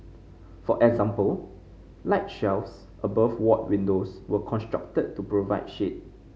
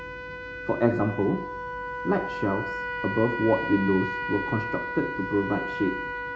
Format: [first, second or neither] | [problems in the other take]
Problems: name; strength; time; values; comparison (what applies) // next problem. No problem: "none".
first | background sound (Trumpet); 5 dB below the speech // room echo; dies away in 0.4 s